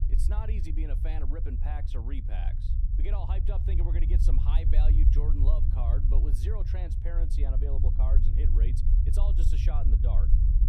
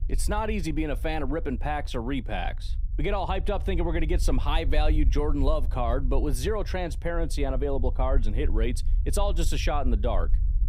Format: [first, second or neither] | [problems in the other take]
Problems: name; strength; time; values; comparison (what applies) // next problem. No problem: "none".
second | low rumble; loud; throughout; 2 dB below the speech; faint in the second